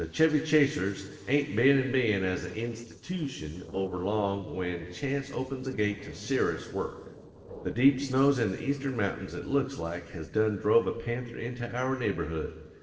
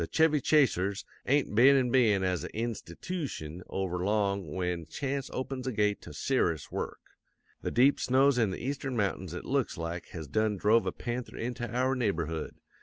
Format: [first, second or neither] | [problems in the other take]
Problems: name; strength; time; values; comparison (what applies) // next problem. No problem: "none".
second | noise reduction (neural separator model SepFormer DNS4)